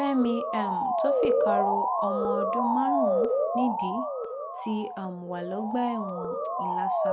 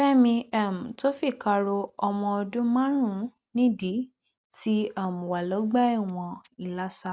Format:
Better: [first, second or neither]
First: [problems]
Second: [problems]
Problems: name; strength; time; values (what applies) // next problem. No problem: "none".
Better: second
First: background sound (Motor vehicle (road) / Siren); 4 dB above the speech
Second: none